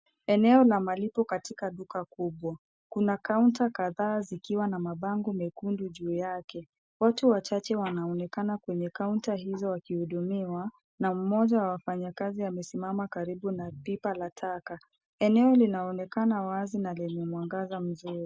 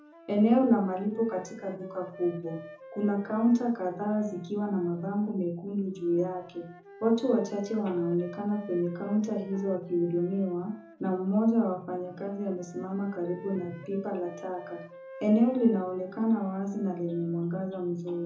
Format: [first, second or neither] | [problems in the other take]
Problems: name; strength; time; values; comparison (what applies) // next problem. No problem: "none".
first | background sound (Wind instrument, woodwind instrument); 19 dB below the speech // room echo; dies away in 0.6 s